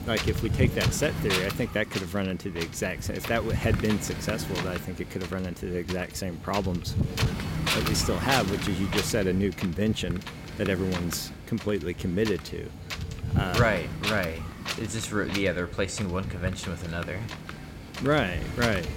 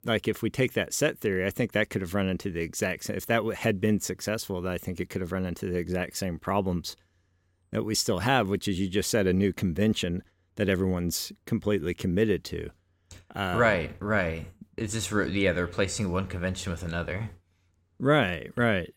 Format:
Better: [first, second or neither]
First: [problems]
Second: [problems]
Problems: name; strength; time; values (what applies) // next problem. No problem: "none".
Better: second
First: wind noise on the microphone; heavy; 4 dB below the speech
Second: none